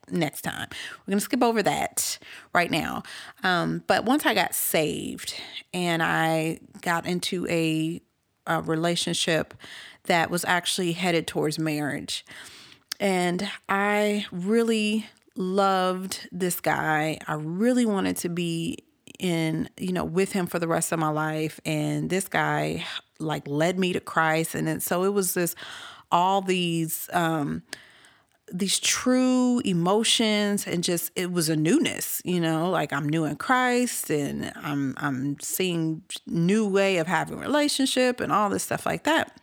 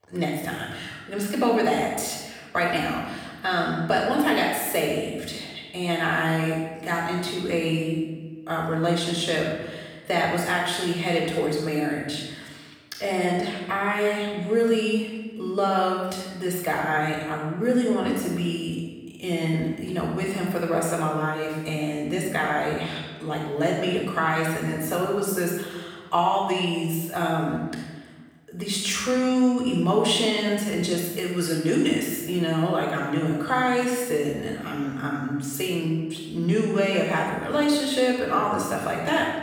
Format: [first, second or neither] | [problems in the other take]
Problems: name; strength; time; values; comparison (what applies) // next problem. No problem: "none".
first | off-mic speech; far // room echo; noticeable; dies away in 1.2 s